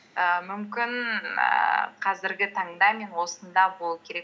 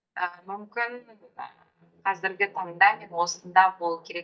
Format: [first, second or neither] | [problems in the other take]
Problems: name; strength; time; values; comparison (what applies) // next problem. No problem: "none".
first | noise reduction (neural mask model DeepFilterNet 3)